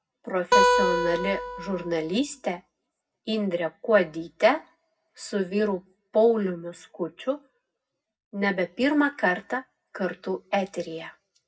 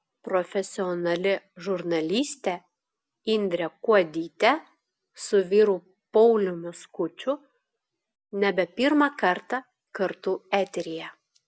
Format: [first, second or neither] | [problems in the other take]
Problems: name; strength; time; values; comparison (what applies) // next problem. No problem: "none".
second | background sound (Acoustic guitar); 3 dB above the speech // room echo; dies away in 0.3 s